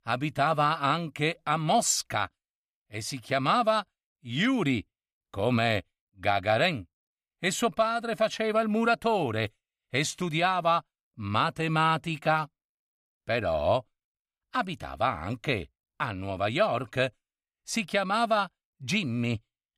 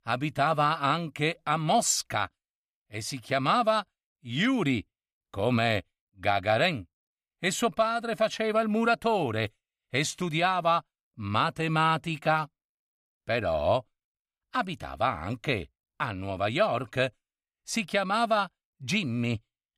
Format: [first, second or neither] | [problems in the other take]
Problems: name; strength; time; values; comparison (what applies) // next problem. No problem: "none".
neither | none